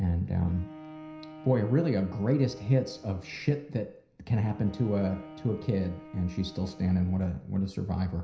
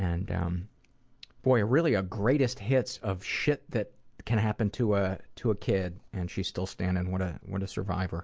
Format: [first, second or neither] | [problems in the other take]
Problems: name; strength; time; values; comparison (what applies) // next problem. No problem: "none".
second | background sound (Bowed string instrument); 18 dB below the speech // room echo; dies away in 0.5 s